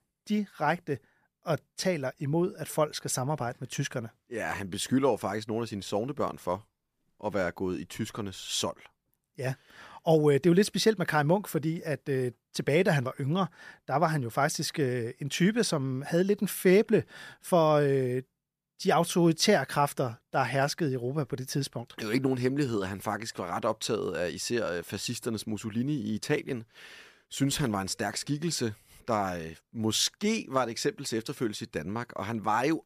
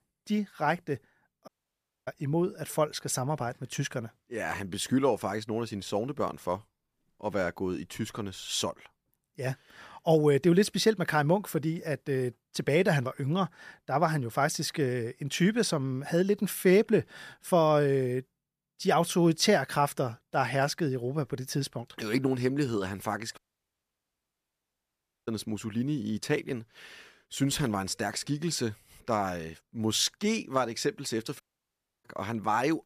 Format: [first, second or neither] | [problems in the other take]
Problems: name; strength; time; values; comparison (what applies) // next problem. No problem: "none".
first | audio cutting out; at 1.5 s for 0.5 s, at 23 s for 2 s and at 31 s for 0.5 s